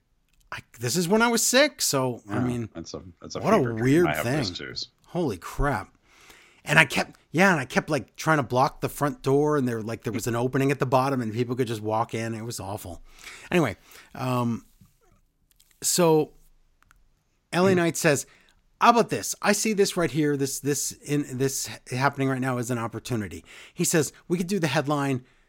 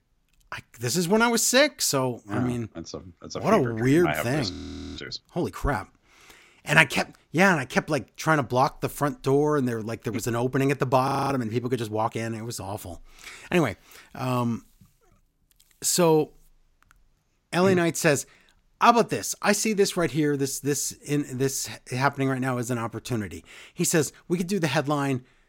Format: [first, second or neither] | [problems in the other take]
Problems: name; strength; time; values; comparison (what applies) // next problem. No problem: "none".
first | audio freezing; at 4.5 s and at 11 s